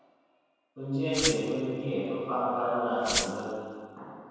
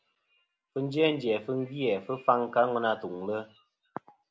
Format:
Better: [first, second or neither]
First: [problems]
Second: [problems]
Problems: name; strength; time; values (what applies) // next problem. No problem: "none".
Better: second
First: background sound (Glass); 4 dB below the speech // room echo; dies away in 2.1 s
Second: none